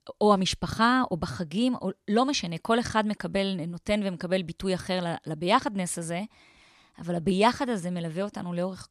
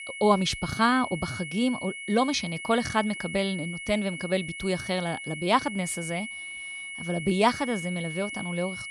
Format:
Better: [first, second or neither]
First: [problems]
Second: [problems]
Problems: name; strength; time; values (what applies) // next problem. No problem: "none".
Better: first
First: none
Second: high-pitched whine; loud; throughout; 2 kHz, 8 dB below the speech